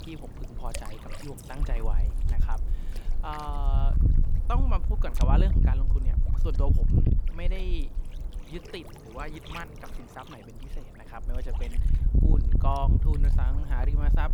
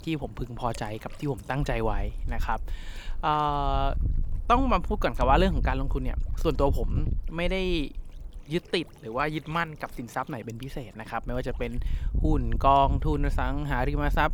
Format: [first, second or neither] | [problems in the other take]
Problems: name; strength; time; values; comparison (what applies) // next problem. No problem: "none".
second | wind noise on the microphone; heavy; 5 dB below the speech; occasional gusts in the second